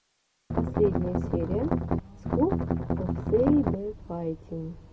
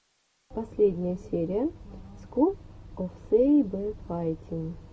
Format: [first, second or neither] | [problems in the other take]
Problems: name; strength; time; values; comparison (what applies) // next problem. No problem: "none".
second | background sound (Strum); 2 dB above the speech